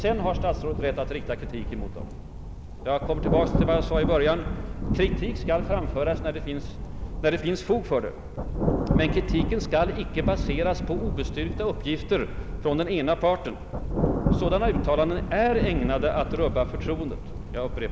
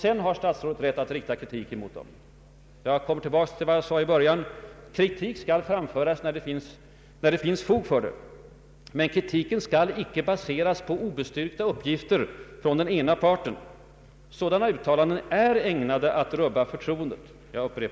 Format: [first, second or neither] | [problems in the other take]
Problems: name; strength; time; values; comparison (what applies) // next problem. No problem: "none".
second | background sound (Thunder); 1 dB below the speech